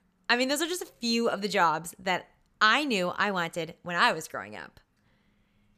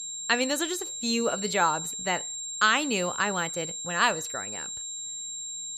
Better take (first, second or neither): first